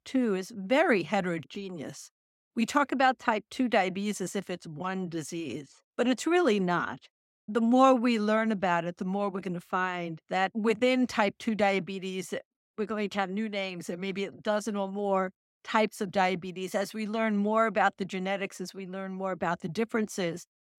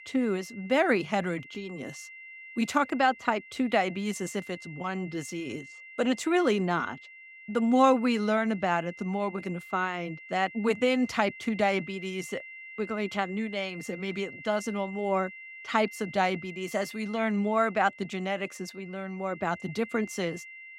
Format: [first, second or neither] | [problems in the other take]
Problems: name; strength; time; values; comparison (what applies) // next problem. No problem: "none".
first | high-pitched whine; noticeable; throughout; 2 kHz, 15 dB below the speech